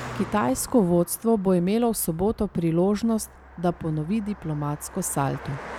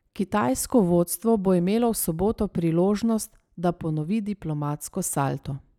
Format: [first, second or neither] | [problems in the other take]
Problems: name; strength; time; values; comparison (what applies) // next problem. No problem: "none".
second | background sound (Car passing by); 17 dB below the speech